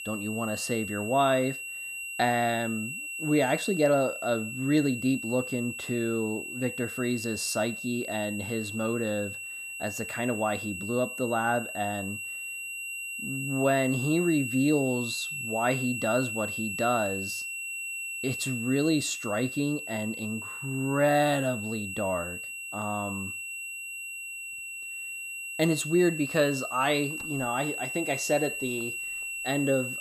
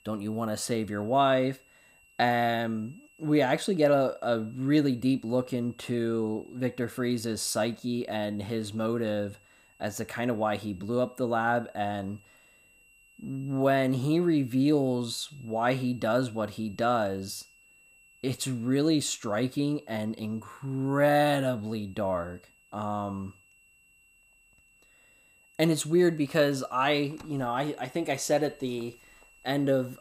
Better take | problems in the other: second | high-pitched whine; loud; throughout; 2.5 kHz, 5 dB below the speech; faint in the second

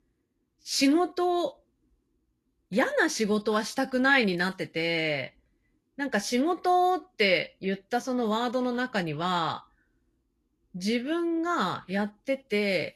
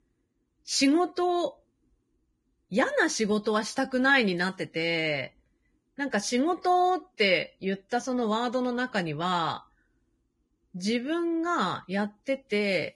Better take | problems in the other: first | garbled, watery; badly; nothing above 10.5 kHz; slightly in the first

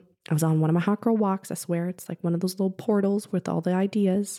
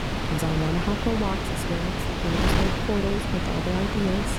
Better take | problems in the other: first | wind noise on the microphone; heavy; 3 dB above the speech

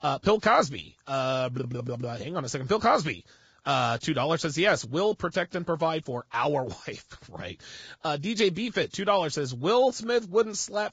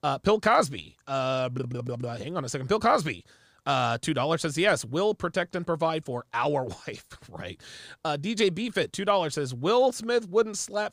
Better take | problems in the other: second | garbled, watery; badly; nothing above 7.5 kHz

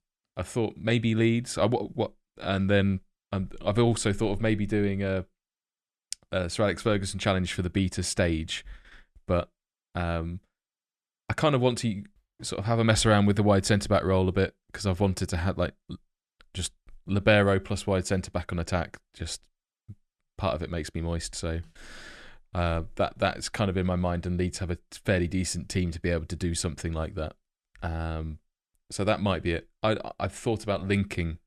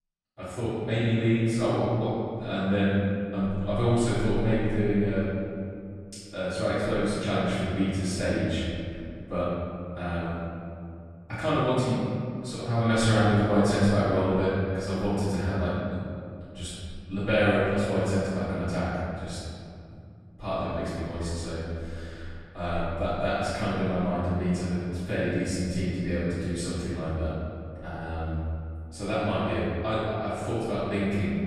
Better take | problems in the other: first | off-mic speech; far // room echo; strong; dies away in 2.4 s

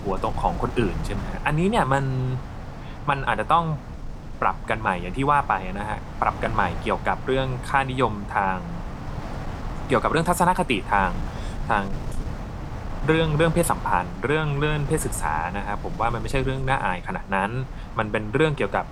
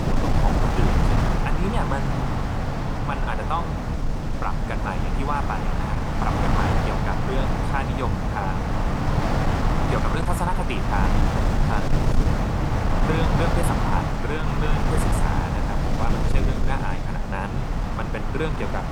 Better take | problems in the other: first | wind noise on the microphone; heavy; 1 dB above the speech; occasional gusts in the first

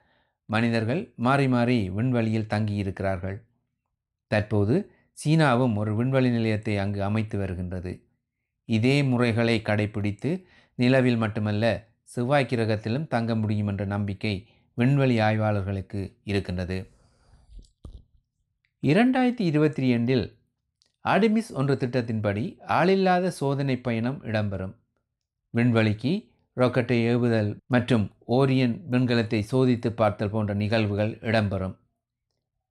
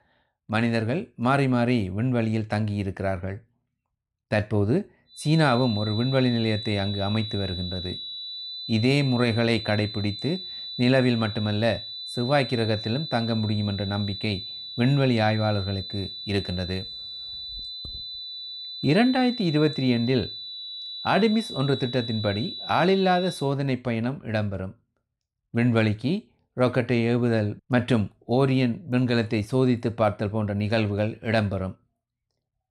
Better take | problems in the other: first | high-pitched whine; loud; from 5 to 23 s; 4 kHz, 9 dB below the speech

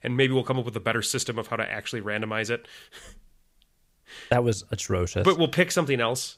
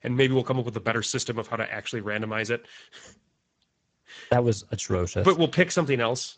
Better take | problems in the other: first | garbled, watery; badly; nothing above 7.5 kHz

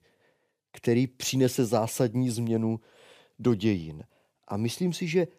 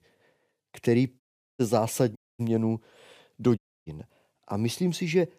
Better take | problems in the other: first | audio cutting out; at 1 s, at 2 s and at 3.5 s

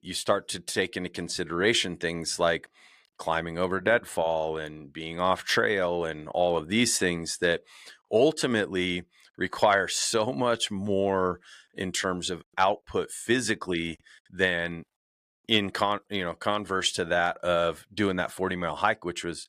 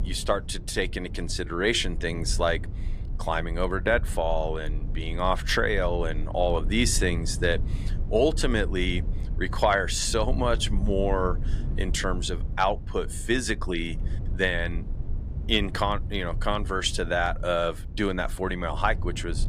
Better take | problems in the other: first | low rumble; faint; throughout; 20 dB below the speech

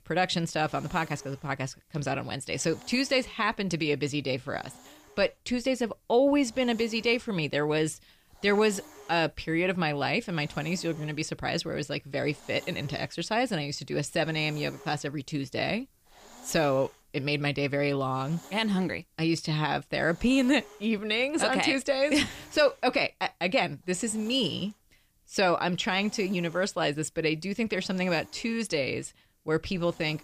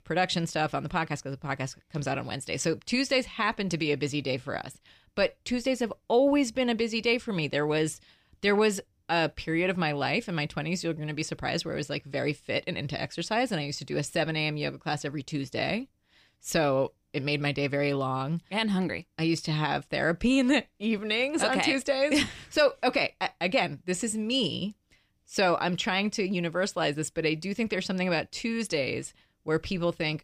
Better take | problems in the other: second | hiss; faint; throughout; 25 dB below the speech

